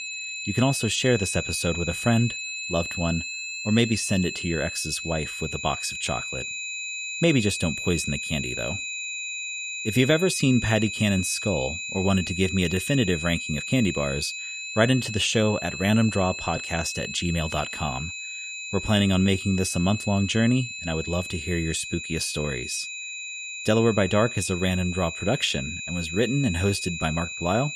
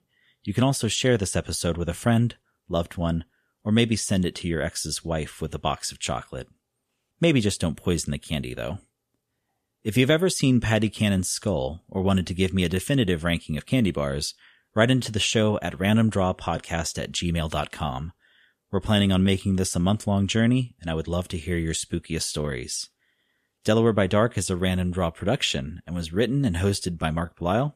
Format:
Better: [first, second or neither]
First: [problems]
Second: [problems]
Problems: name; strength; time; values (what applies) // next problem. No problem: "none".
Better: second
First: high-pitched whine; loud; throughout; 2.5 kHz, 6 dB below the speech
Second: none